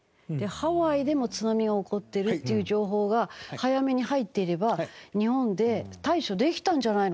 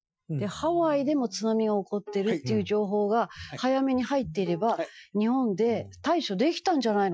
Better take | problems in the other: first | noise reduction (classical method Wiener filter)

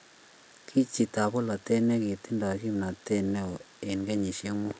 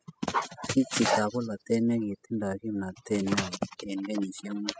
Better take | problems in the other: first | noise reduction (classical method spectral subtraction)

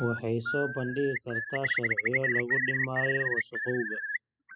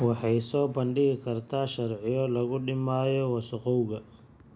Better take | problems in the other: second | noise reduction (classical method spectral subtraction)

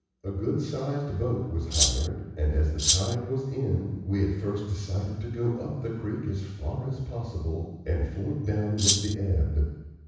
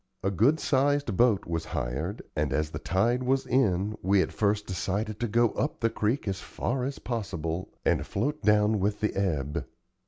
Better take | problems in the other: second | background sound (Rattle (instrument)); 3 dB above the speech // room echo; dies away in 1.1 s

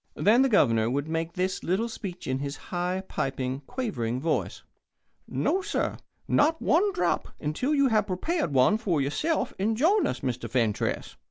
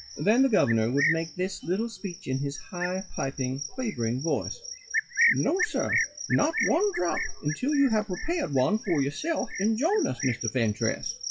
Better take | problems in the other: first | noise reduction (classical method WPE with log-MMSE)

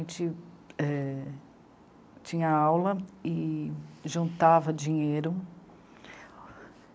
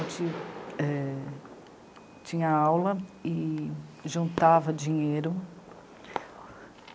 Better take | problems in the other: first | background sound (Fireworks); 14 dB below the speech

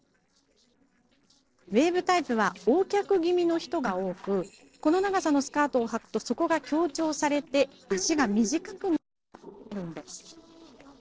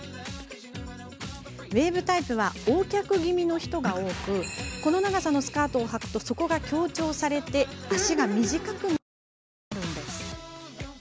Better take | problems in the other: second | noise reduction (neural separator model SepFormer DNS4)

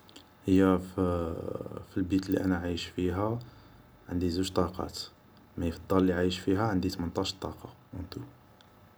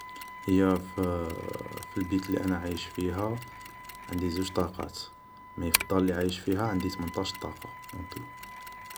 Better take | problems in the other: first | background sound (Wind instrument, woodwind instrument + Mechanisms); 9 dB below the speech

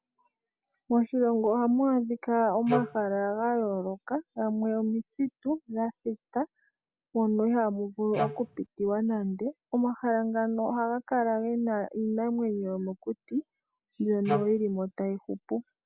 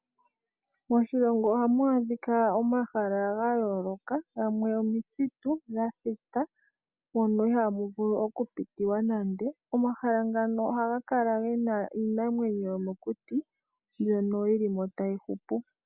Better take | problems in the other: second | background sound (Wind instrument, woodwind instrument); 3 dB below the speech

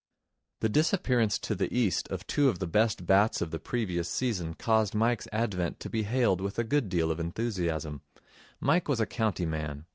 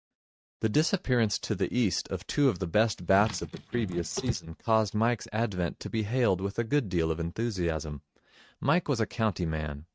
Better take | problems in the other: first | noise reduction (neural mask model RNNoise)

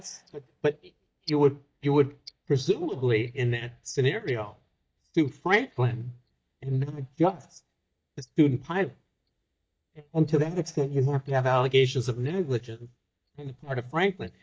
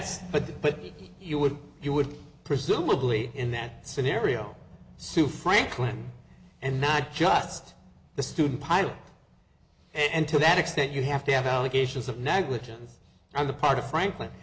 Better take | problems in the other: second | noise reduction (neural mask model DeepFilterNet 3)

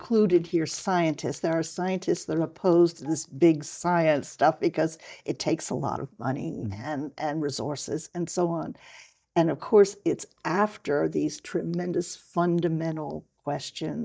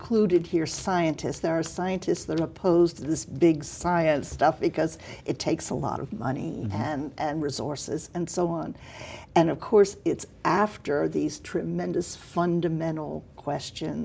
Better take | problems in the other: second | noise reduction (neural mask model DeepFilterNet 3)

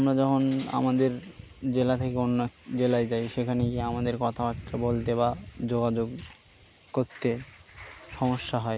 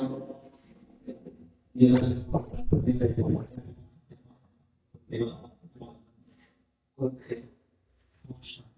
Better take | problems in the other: first | noise reduction (neural mask model DeepFilterNet 3)

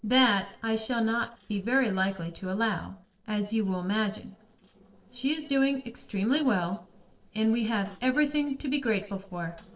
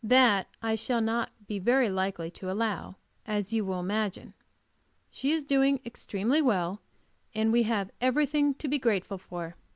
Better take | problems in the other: second | noise reduction (neural separator model SepFormer DNS4)

